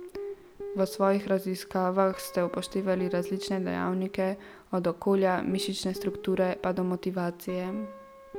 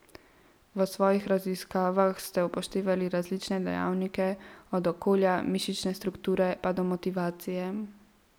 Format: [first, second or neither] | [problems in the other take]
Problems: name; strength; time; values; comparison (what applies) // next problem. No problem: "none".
second | background sound (Guitar); 13 dB below the speech